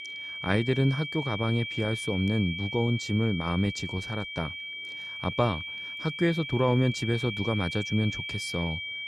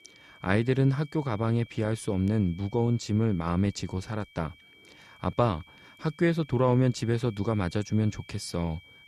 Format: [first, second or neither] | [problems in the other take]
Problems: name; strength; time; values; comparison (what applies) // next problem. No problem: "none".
second | high-pitched whine; loud; throughout; 2.5 kHz, 5 dB below the speech; faint in the second